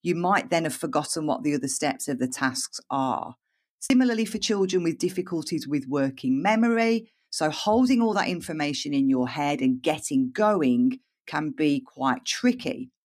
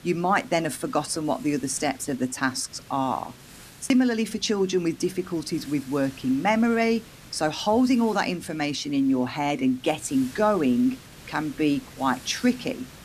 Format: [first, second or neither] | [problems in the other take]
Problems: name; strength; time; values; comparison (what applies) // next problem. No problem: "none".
first | hiss; faint; throughout; 20 dB below the speech